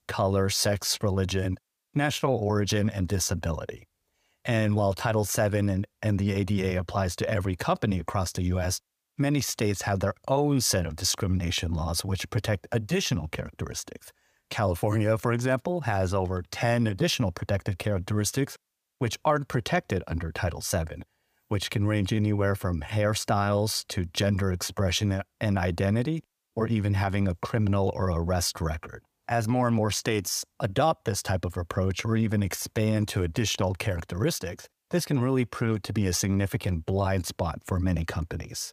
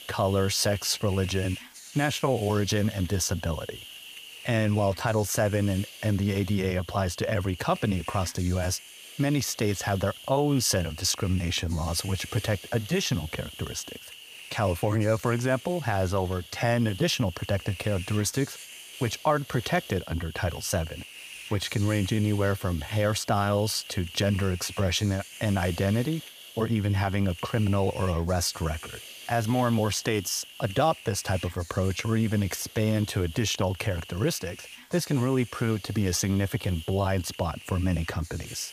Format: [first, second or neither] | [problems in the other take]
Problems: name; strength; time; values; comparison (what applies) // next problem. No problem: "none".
first | hiss; noticeable; throughout; 15 dB below the speech